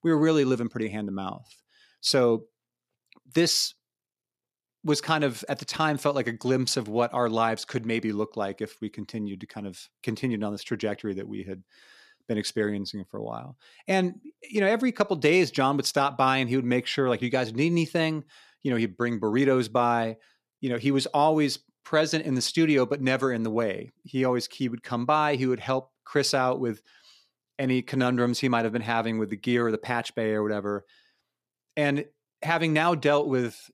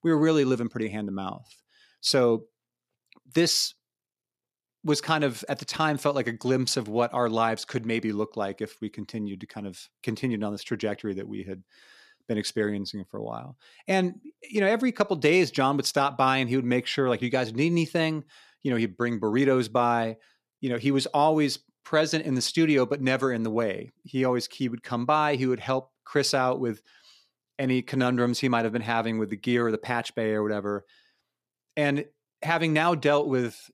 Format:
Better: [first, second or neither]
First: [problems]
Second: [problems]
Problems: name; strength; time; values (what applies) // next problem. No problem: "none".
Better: neither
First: none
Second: none